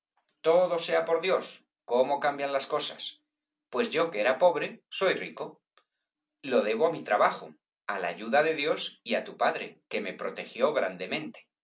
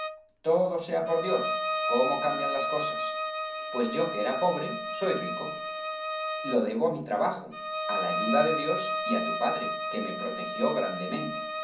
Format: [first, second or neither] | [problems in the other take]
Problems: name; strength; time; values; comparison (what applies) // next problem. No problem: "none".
first | background sound (Bowed string instrument); 2 dB below the speech // room echo; dies away in 0.6 s